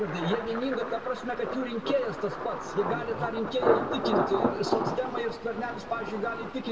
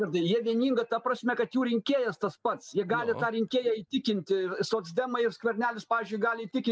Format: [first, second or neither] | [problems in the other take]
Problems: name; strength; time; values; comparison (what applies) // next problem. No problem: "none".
second | background sound (Thunder); 1 dB below the speech // room echo; dies away in 1.3 s